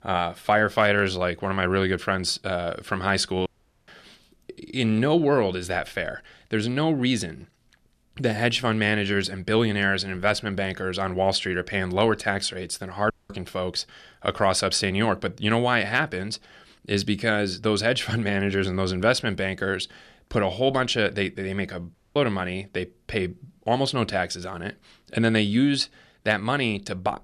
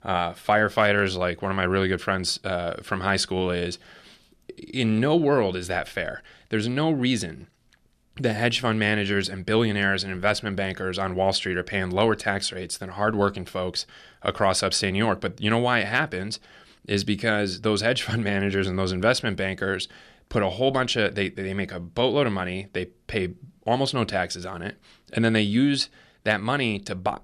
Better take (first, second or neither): second